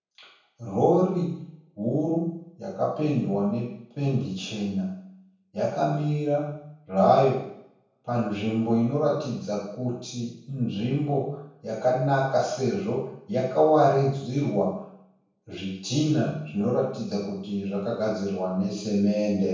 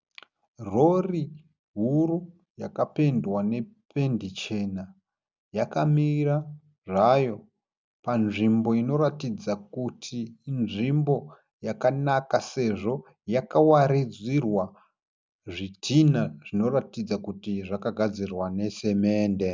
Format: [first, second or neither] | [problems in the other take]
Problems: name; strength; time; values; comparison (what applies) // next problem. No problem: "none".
second | room echo; dies away in 0.7 s